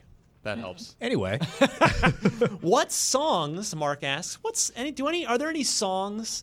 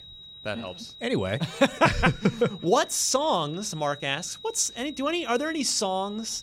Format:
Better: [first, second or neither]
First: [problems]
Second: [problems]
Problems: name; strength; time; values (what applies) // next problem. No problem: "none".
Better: first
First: none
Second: high-pitched whine; noticeable; throughout; 4 kHz, 15 dB below the speech